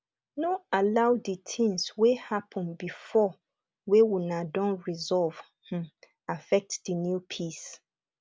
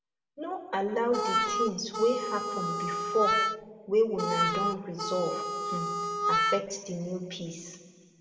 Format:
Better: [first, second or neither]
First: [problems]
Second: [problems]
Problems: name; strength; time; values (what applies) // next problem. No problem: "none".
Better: first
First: none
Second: background sound (Harmonica); 2 dB above the speech // room echo; dies away in 1.6 s